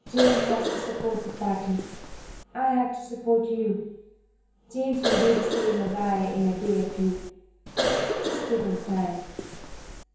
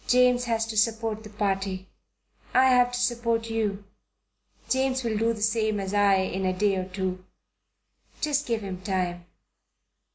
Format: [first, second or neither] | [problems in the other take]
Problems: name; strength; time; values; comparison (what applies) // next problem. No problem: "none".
second | background sound (Cough); 3 dB below the speech // room echo; dies away in 1 s